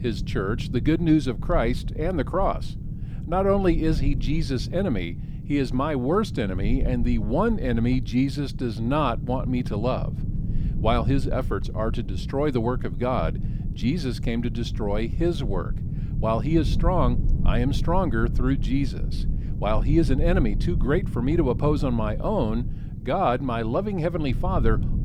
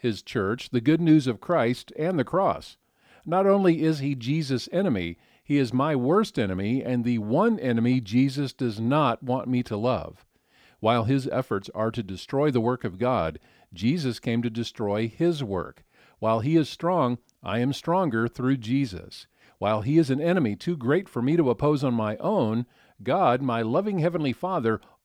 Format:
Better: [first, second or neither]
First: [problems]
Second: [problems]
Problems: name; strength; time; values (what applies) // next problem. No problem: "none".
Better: second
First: low rumble; noticeable; throughout; 15 dB below the speech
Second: none